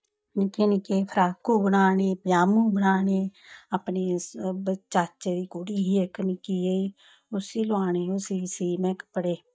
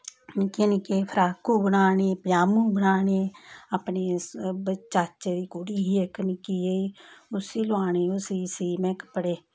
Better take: second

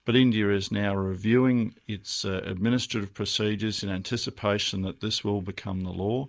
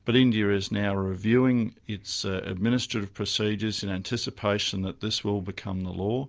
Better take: second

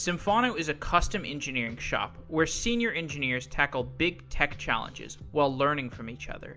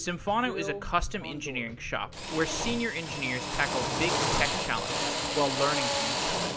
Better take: first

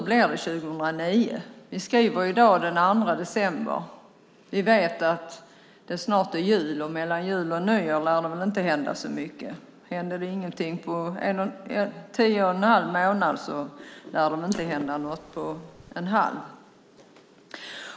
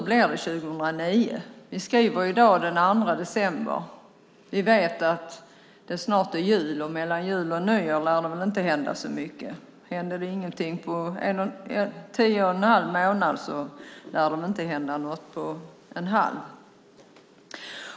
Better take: second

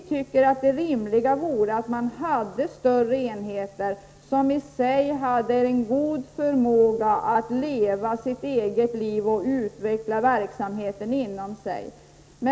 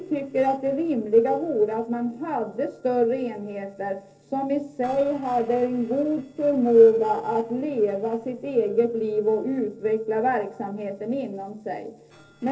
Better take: first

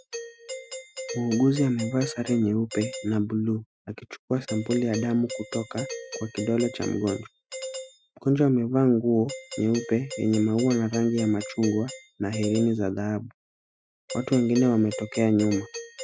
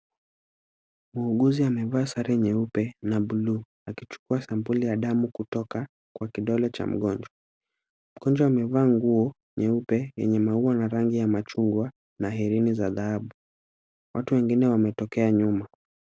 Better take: second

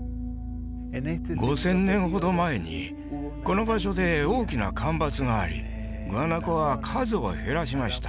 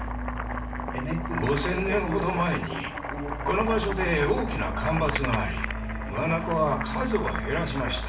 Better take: first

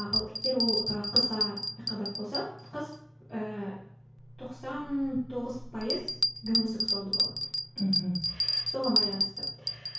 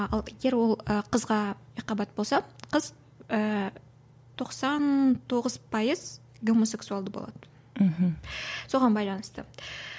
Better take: second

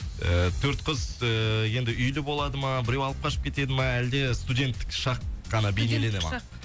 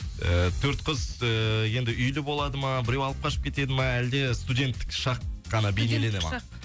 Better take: second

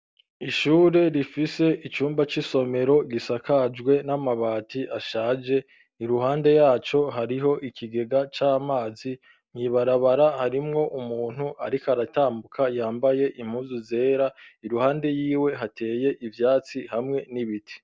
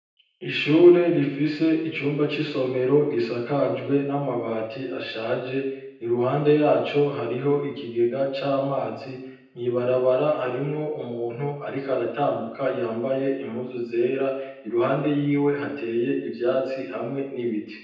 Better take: first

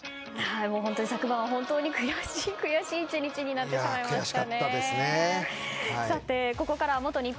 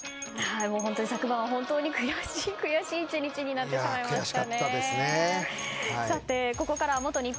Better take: first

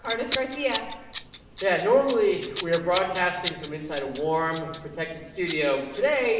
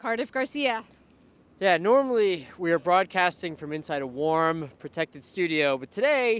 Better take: second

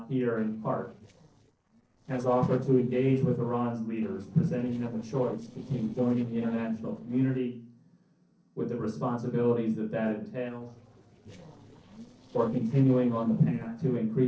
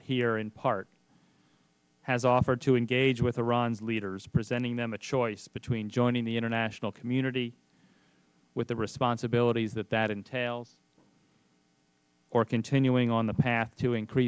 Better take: second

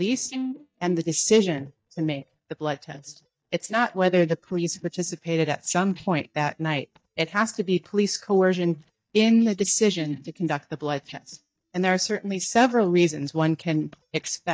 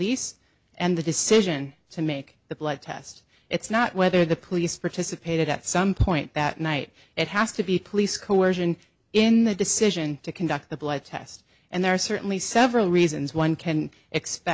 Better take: second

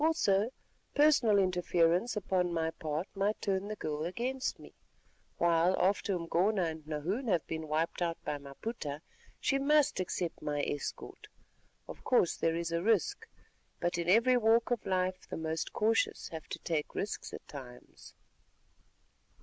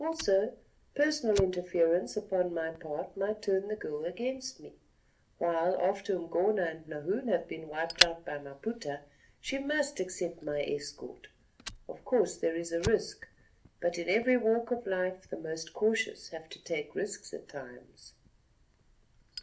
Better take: first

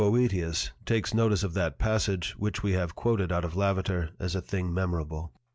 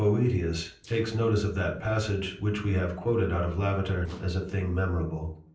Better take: first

